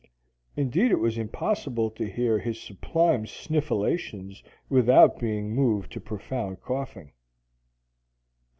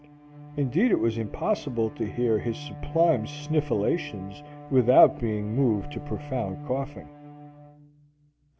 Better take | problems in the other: first | background sound (Bowed string instrument); 14 dB below the speech

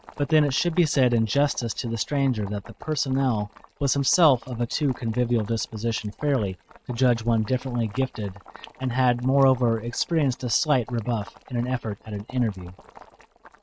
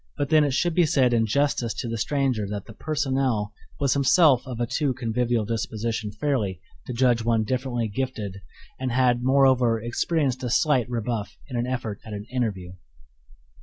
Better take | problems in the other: second | noise reduction (neural mask model RNNoise)

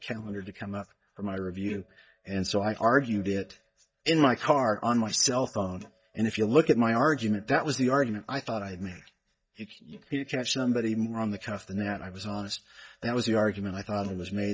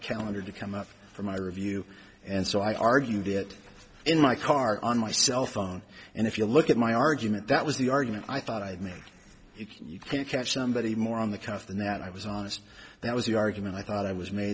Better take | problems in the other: second | noise reduction (neural mask model DeepFilterNet 3)

